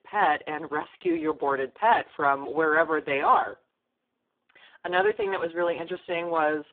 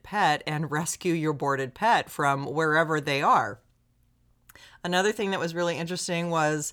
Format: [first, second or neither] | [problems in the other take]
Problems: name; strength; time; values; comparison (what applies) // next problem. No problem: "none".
second | phone-call audio; poor line